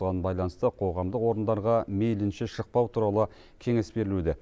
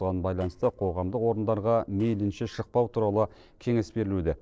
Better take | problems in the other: first | noise reduction (neural separator model SepFormer DNS4)

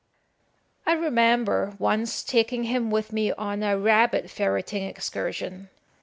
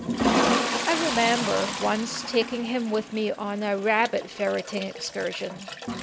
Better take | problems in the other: first | background sound (Toilet flush); 2 dB below the speech

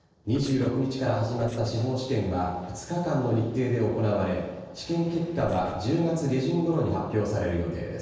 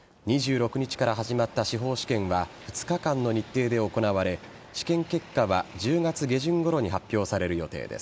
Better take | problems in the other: second | noise reduction (neural separator model SepFormer DNS4)

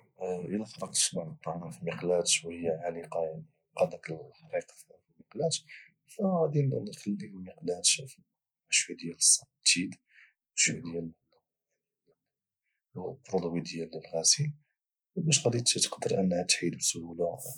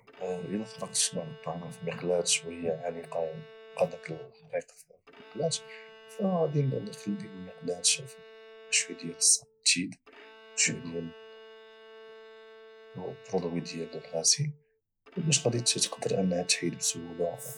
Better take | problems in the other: first | background sound (Bowed string instrument); 19 dB below the speech

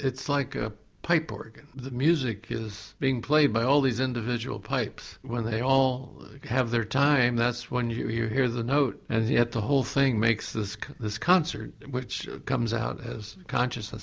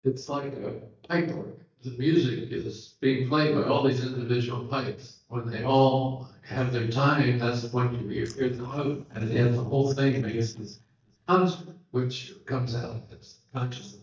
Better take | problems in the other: first | noise reduction (neural mask model DeepFilterNet 3)

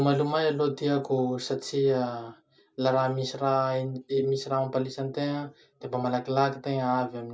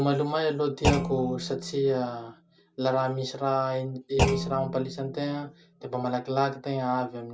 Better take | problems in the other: first | background sound (Thump, thud); 5 dB below the speech

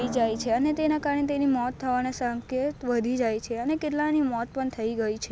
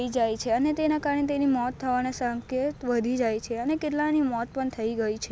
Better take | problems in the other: second | background sound (Drum); 17 dB below the speech

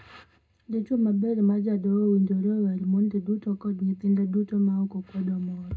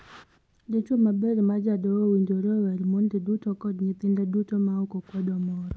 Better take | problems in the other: second | room echo; dies away in 0.2 s

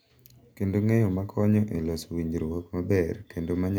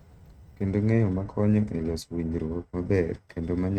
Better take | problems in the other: first | noise reduction (neural mask model RNNoise)

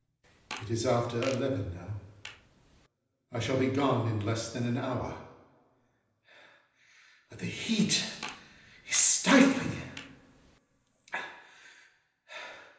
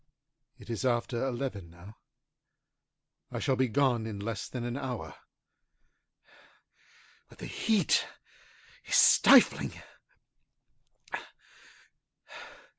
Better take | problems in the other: second | background sound (Fart); 15 dB below the speech // room echo; dies away in 0.9 s

